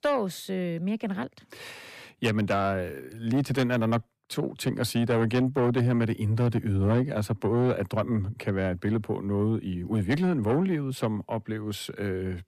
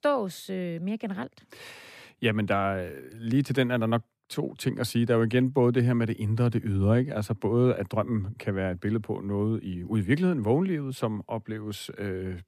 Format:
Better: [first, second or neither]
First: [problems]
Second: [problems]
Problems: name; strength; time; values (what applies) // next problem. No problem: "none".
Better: second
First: distortion; slight; 10 dB below the speech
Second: none